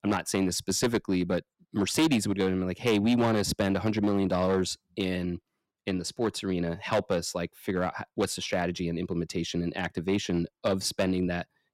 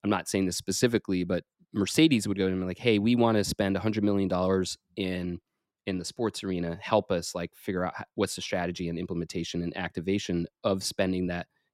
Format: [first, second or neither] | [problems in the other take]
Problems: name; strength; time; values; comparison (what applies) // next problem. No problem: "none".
second | distortion; slight; 5% of the sound clipped